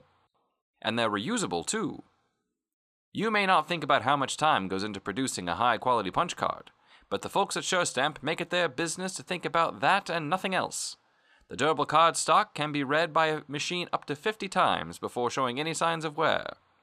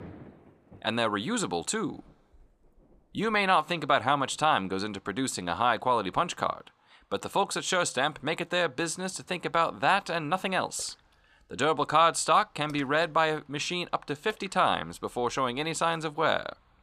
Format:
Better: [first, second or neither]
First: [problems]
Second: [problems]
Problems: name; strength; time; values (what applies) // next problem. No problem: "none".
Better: first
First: none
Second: rain or running water; faint; throughout; 30 dB below the speech